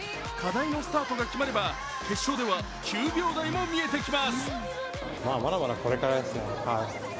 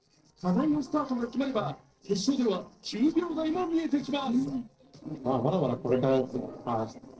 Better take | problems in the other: first | noise reduction (neural separator model SepFormer DNS4)

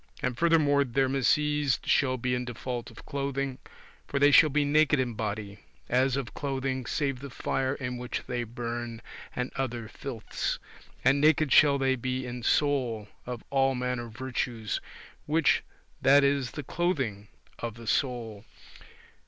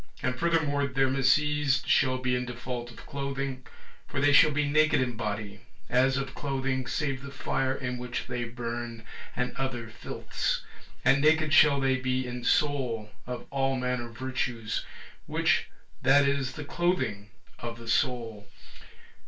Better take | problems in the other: first | room echo; dies away in 0.2 s

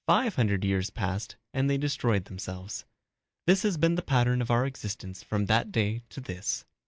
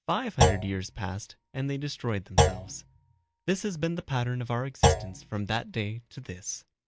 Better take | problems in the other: first | background sound (Thump, thud); 3 dB above the speech

